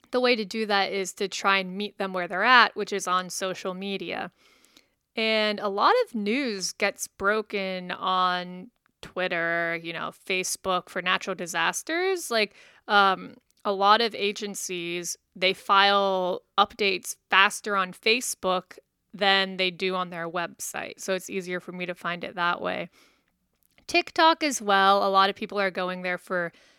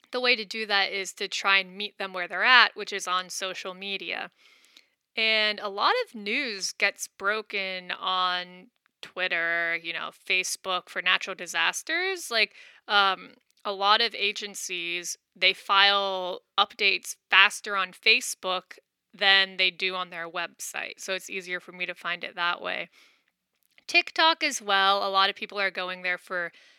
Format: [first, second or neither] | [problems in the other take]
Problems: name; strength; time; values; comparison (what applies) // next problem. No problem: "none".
first | thin; very slightly; fading below 400 Hz